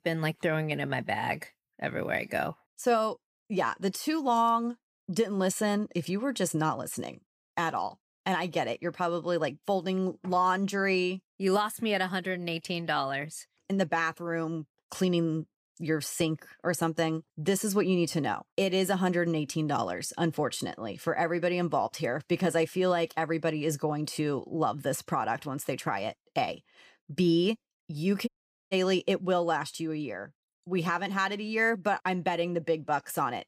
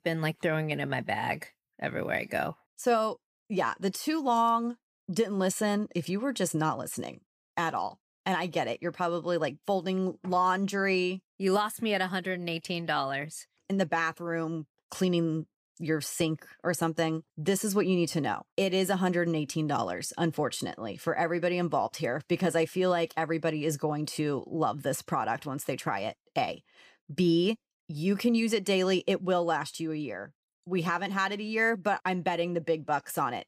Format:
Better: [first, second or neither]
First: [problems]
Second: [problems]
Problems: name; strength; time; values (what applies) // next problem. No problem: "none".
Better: second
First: audio cutting out; at 28 s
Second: none